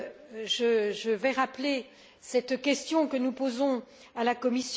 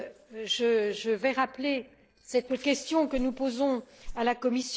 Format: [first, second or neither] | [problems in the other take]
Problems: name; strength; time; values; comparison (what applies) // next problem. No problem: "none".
first | noise reduction (neural separator model SepFormer DNS4)